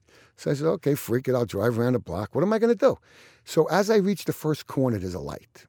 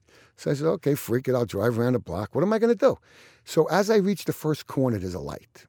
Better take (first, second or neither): neither